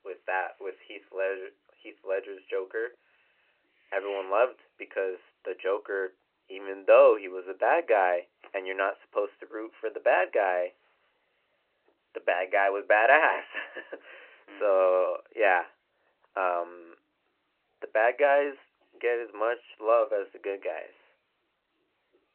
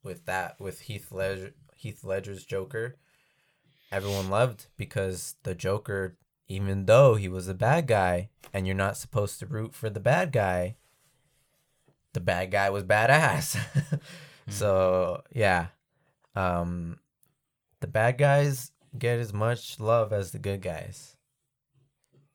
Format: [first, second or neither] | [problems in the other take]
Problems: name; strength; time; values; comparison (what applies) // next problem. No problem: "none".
second | phone-call audio; nothing above 2.5 kHz